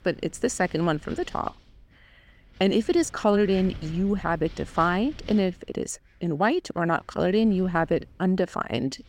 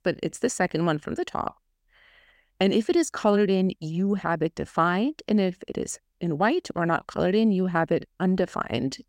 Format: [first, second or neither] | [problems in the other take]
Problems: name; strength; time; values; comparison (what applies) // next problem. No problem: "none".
second | wind noise on the microphone; occasional gusts; 25 dB below the speech